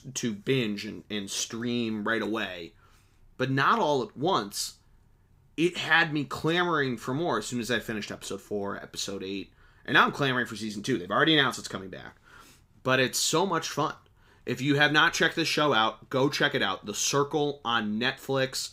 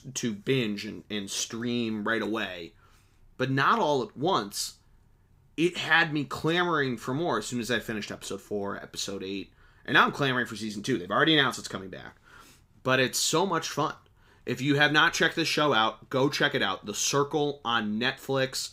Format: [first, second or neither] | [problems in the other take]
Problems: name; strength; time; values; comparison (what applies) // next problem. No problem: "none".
neither | none